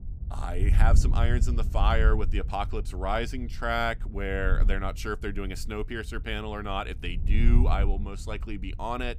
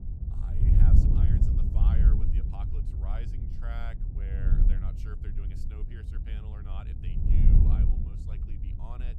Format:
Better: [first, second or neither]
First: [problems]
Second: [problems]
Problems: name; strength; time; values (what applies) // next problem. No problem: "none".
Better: first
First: wind noise on the microphone; occasional gusts; 15 dB below the speech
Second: wind noise on the microphone; heavy; 5 dB above the speech